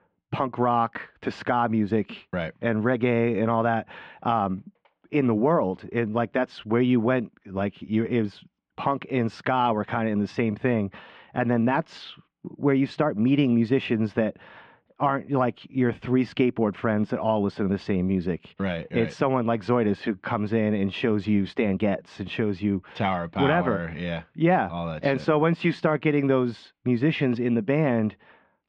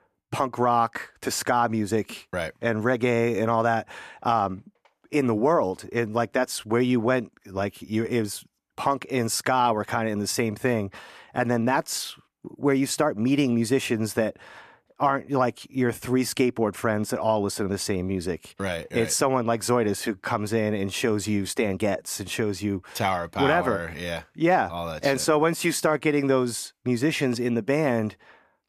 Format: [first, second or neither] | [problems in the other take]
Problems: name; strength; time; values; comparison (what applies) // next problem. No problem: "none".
second | muffled; very; fading above 3.5 kHz